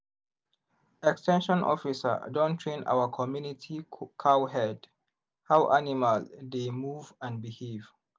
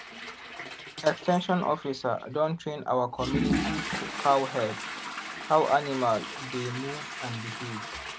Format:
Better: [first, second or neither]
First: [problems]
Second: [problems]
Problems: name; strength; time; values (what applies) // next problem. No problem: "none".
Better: first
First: none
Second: background sound (Toilet flush / Water); 6 dB below the speech